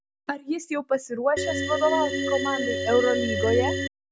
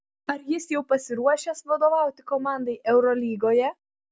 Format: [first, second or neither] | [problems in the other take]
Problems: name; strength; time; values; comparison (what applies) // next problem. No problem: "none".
second | background sound (Organ); 1 dB below the speech